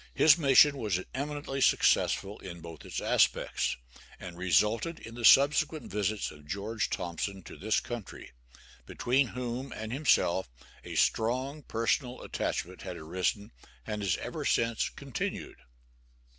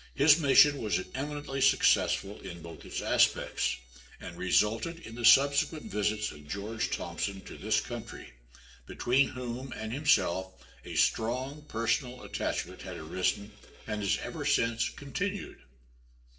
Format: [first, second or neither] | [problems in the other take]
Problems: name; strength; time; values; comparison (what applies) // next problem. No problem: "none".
first | noise reduction (neural separator model SepFormer DNS4)